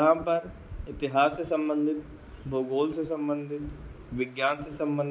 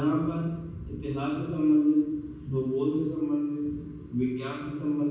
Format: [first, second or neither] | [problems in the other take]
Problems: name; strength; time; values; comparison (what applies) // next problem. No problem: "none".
first | room echo; dies away in 1.2 s